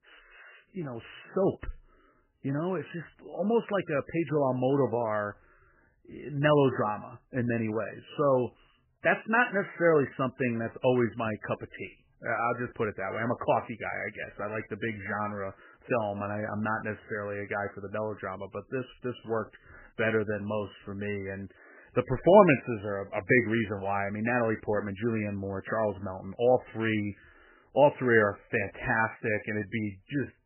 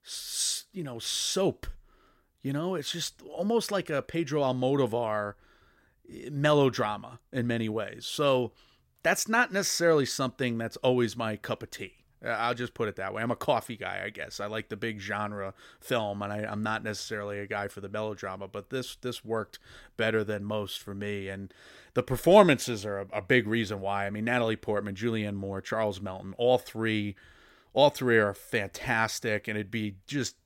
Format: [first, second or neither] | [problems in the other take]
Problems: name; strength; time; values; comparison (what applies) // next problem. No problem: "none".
second | garbled, watery; badly; nothing above 3 kHz